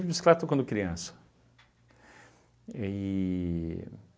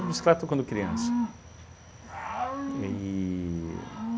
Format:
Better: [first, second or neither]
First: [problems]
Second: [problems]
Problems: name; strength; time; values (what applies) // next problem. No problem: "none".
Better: first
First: none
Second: background sound (Cricket / Growling); 3 dB below the speech